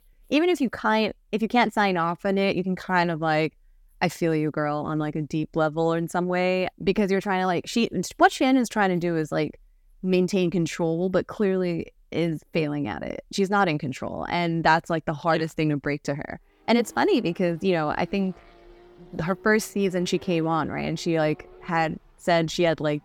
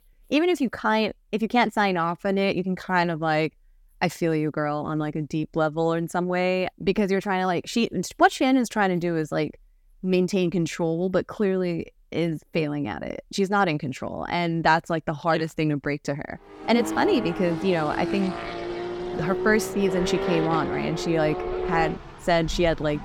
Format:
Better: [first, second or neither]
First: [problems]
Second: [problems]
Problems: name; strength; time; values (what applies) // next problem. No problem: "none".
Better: first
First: traffic noise; faint; from 17 s on; 25 dB below the speech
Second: traffic noise; loud; from 17 s on; 6 dB below the speech